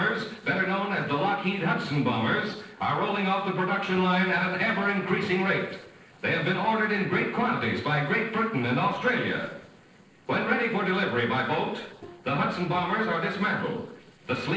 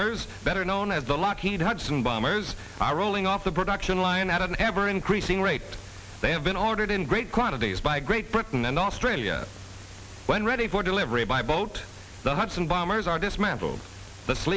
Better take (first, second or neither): second